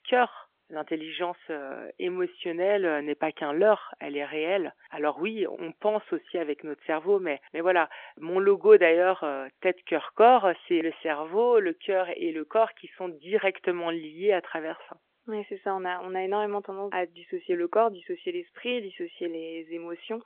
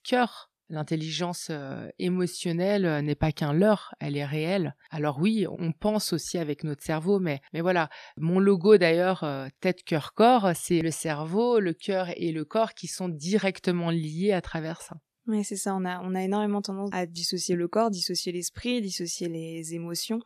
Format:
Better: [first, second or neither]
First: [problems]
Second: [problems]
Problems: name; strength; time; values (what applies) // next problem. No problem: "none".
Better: second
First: phone-call audio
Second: none